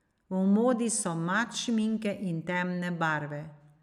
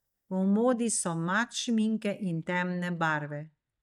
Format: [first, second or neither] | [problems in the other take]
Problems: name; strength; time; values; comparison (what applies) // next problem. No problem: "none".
first | noise reduction (neural mask model DeepFilterNet 3)